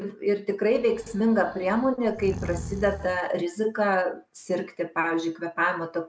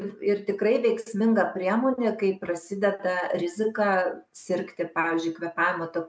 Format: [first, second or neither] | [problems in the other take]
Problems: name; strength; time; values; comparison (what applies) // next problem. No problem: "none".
second | background sound (Breathing); 12 dB below the speech